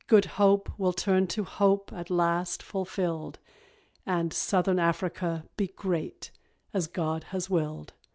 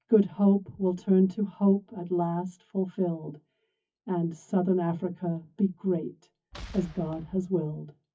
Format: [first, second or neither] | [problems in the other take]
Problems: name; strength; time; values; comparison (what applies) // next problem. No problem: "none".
first | noise reduction (classical method WPE with log-MMSE)